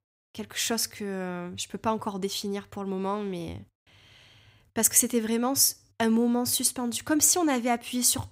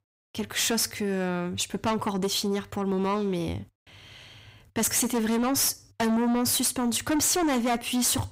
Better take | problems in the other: first | distortion; heavy; 5 dB below the speech

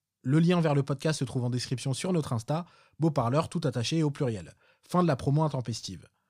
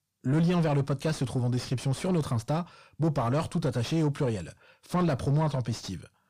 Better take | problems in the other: first | distortion; slight; 9 dB below the speech

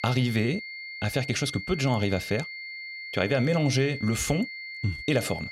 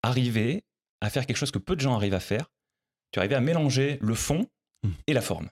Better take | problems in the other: second | high-pitched whine; loud; throughout; 2 kHz, 9 dB below the speech

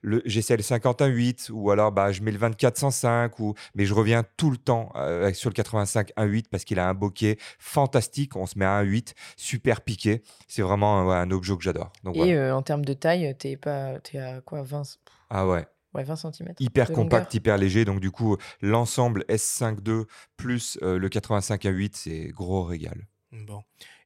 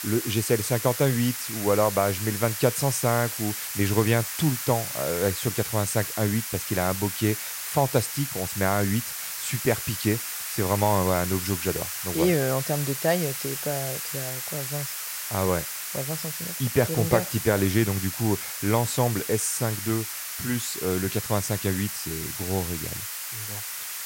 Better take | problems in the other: first | hiss; loud; throughout; 4 dB below the speech

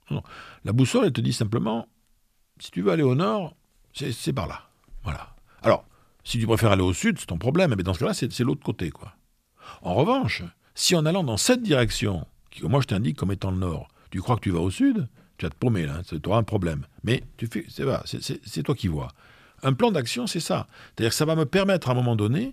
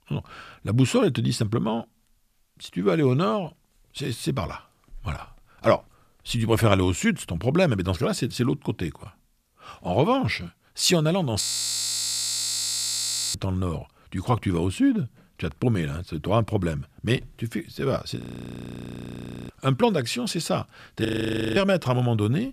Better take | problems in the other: first | audio freezing; at 11 s for 2 s, at 18 s for 1.5 s and at 21 s for 0.5 s

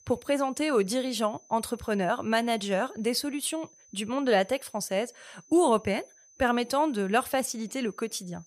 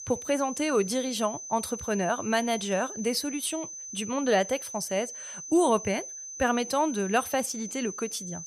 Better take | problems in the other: first | high-pitched whine; loud; throughout; 6 kHz, 9 dB below the speech; faint in the first

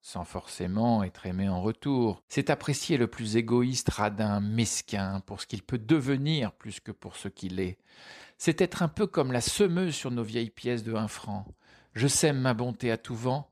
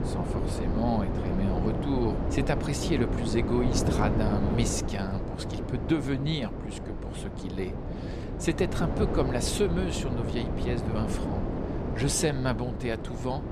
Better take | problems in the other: first | wind noise on the microphone; heavy; 3 dB below the speech

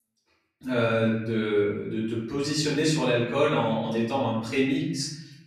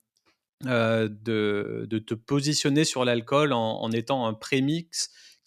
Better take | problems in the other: second | off-mic speech; far // room echo; noticeable; dies away in 1 s

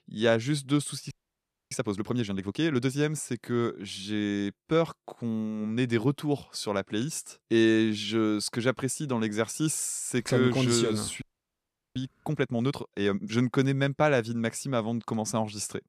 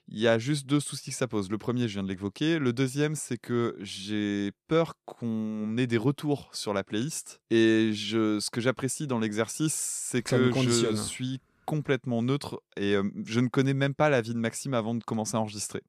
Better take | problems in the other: second | audio freezing; at 1 s for 0.5 s and at 11 s for 0.5 s

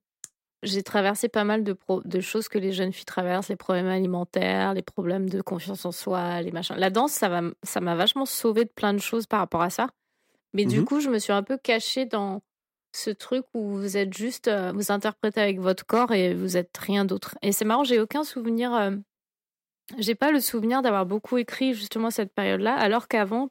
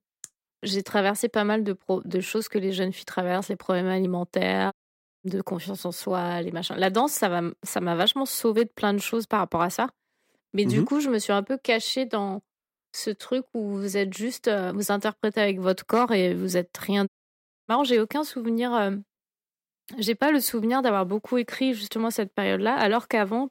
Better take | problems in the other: first | audio cutting out; at 4.5 s for 0.5 s and at 17 s for 0.5 s

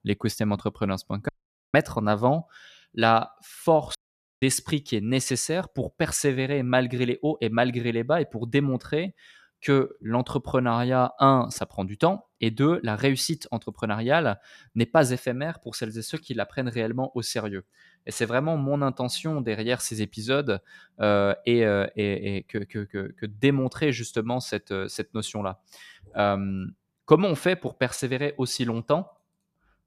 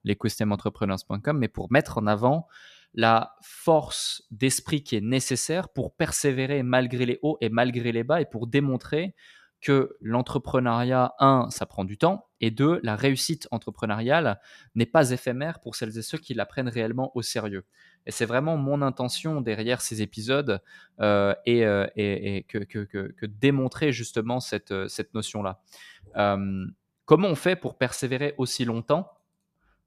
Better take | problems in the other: second | audio cutting out; at 1.5 s and at 4 s

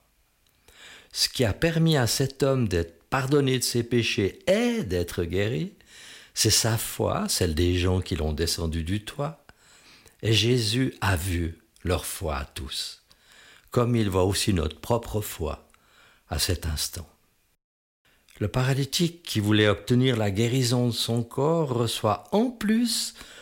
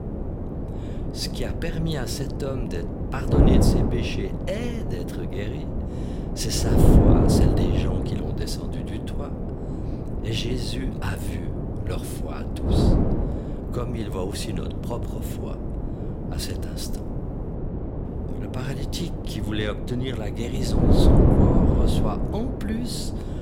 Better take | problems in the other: first | wind noise on the microphone; heavy; 3 dB above the speech

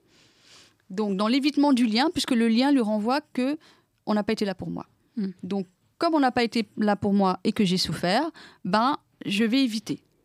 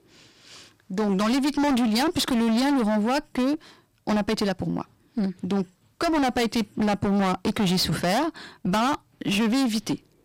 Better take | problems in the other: first | distortion; heavy; 26% of the sound clipped

